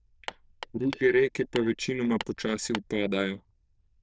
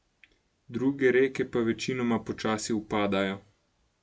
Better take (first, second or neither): second